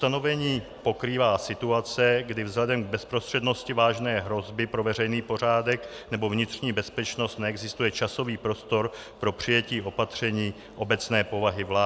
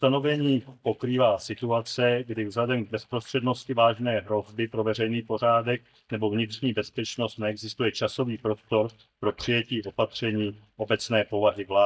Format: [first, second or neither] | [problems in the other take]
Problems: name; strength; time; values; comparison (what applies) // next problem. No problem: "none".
first | noise reduction (neural mask model DeepFilterNet 3)